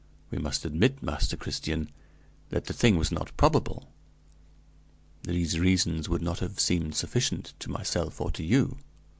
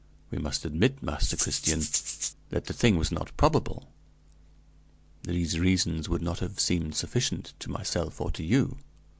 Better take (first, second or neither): first